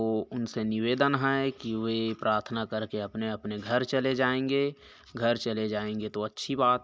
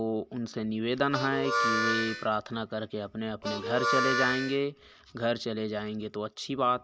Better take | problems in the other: first | background sound (Harmonica); 1 dB below the speech

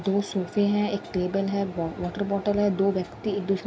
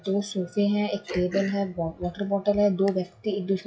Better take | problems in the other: first | noise reduction (classical method WPE with log-MMSE)

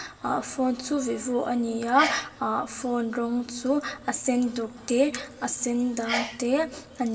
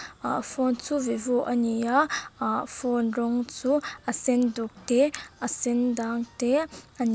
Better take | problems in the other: second | background sound (Sneeze); 13 dB below the speech // room echo; dies away in 1.4 s

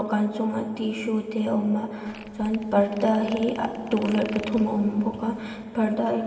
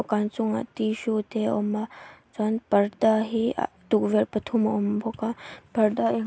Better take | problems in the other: second | background sound (Fart); 18 dB below the speech // room echo; dies away in 2.7 s

